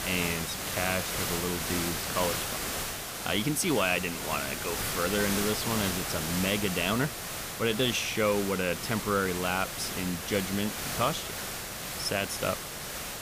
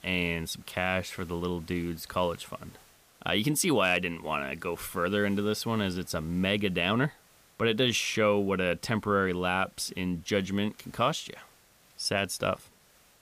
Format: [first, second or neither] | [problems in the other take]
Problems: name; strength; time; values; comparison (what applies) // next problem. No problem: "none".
second | hiss; loud; throughout; 2 dB below the speech; faint in the second